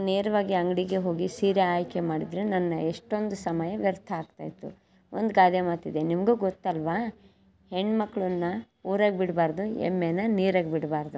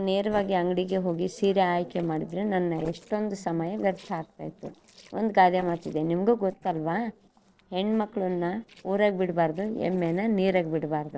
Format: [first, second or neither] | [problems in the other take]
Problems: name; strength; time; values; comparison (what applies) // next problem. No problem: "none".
first | noise reduction (neural separator model SepFormer DNS4)